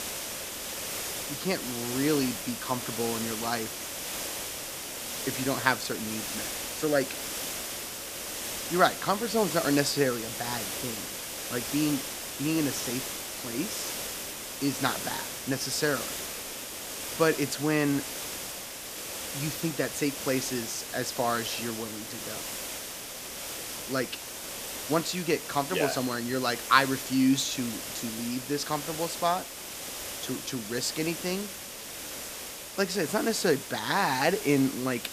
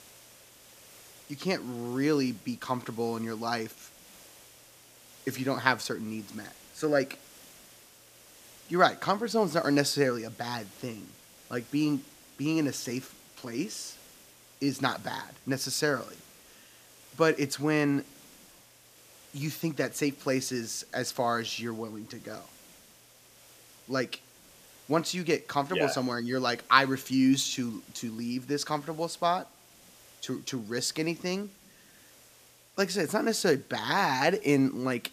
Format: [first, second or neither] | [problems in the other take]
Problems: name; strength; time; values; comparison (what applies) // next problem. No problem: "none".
second | hiss; loud; throughout; 5 dB below the speech; faint in the second